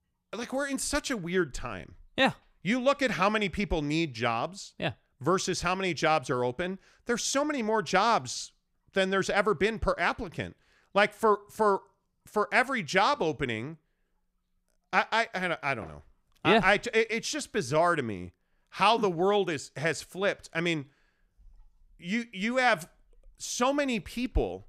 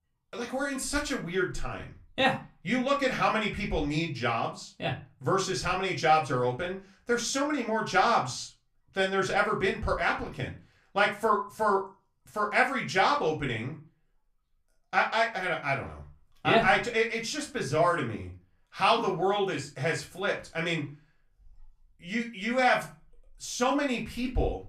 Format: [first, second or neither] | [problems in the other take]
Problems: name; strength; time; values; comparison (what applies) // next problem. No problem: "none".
first | off-mic speech; far // room echo; very slight; dies away in 0.3 s